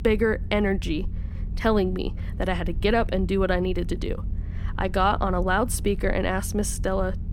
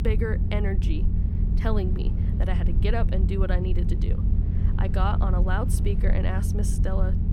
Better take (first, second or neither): first